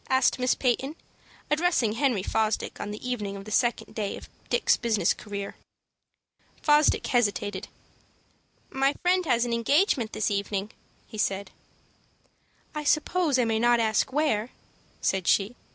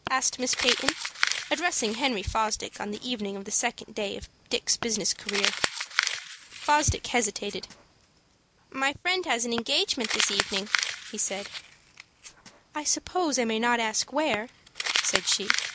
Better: first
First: none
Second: background sound (Crumpling, crinkling); 4 dB below the speech

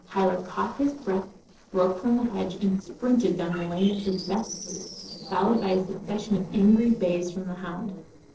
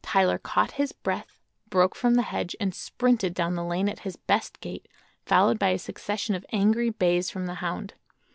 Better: second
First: noise reduction (neural separator model SepFormer DNS4)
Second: none

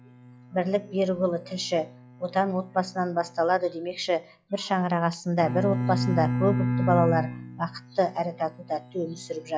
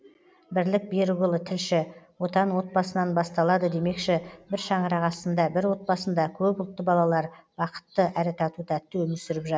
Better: second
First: noise reduction (classical method log-MMSE)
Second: none

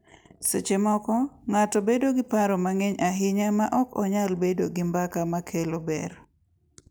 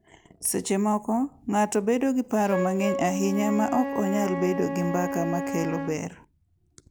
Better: first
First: none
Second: background sound (Wind instrument, woodwind instrument); 7 dB below the speech

